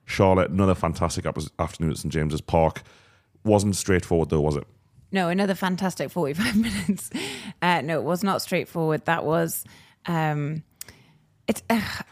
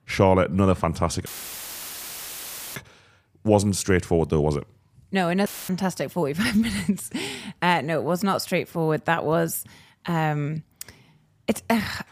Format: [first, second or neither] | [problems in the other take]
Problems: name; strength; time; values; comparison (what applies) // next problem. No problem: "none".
first | audio cutting out; filled with static; at 1.5 s for 1.5 s and at 5.5 s